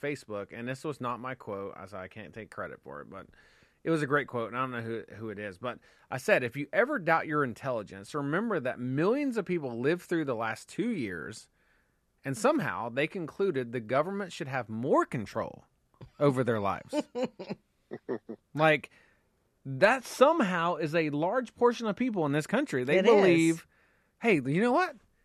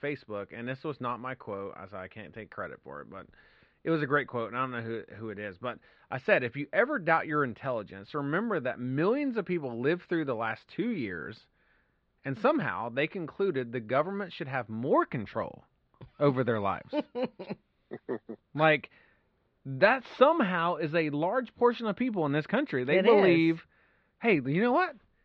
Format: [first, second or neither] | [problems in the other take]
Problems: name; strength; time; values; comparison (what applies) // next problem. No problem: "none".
first | muffled; very slightly; fading above 4 kHz